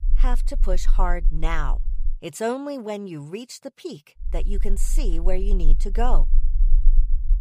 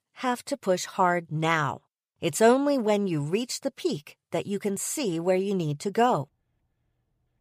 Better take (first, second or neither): second